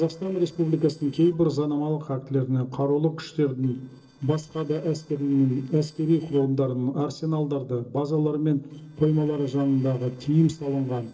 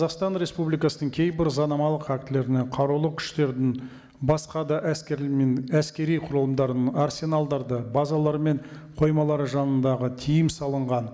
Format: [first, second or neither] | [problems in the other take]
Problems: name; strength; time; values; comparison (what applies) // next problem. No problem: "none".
second | noise reduction (neural separator model SepFormer DNS4)